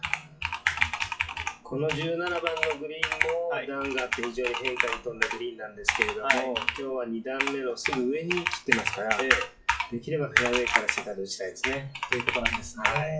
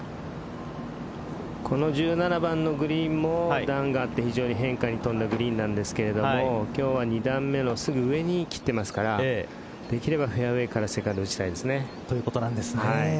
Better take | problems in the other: second | noise reduction (classical method WPE with log-MMSE)

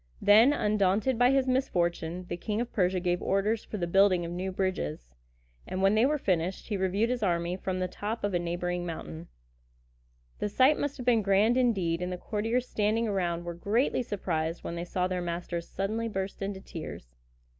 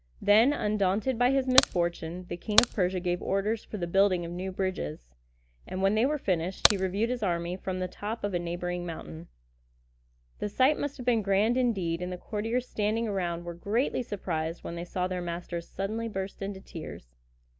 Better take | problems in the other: first | background sound (Crack); 1 dB above the speech

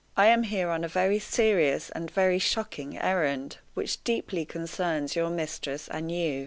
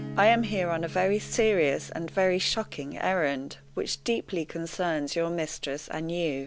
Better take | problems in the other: first | background sound (Acoustic guitar / Strum); 17 dB below the speech

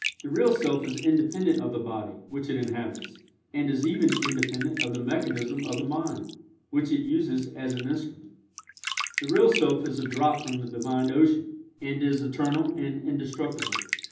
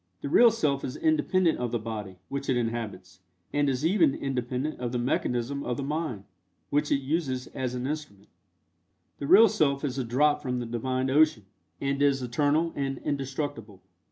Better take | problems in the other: second | background sound (Bathtub (filling or washing)); 11 dB below the speech // room echo; dies away in 0.6 s

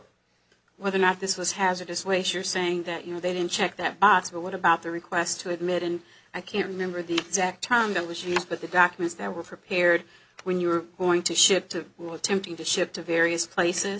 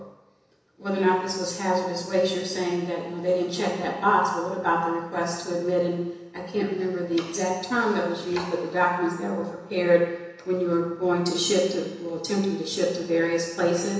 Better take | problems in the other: first | room echo; dies away in 1 s

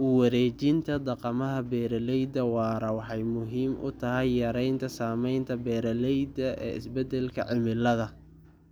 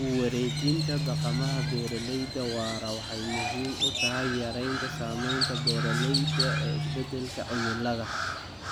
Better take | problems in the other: first | background sound (Crow); 2 dB above the speech

